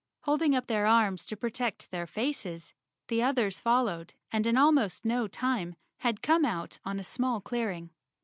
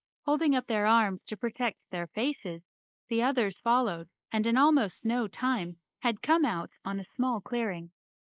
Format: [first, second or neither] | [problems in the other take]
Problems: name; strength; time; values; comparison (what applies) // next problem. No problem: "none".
first | noise reduction (neural mask model Resemble Enhance denoiser)